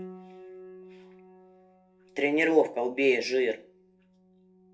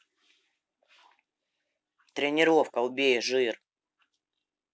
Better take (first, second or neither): second